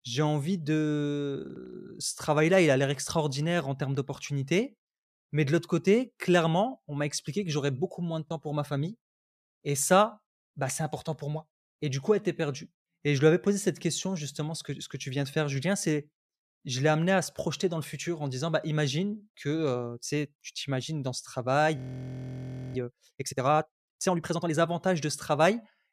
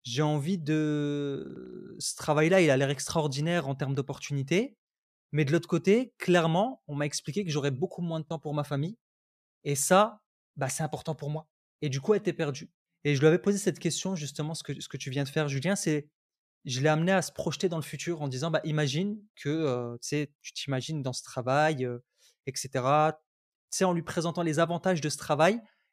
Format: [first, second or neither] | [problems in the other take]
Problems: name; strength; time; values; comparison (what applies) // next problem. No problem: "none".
second | audio freezing; at 22 s for 1 s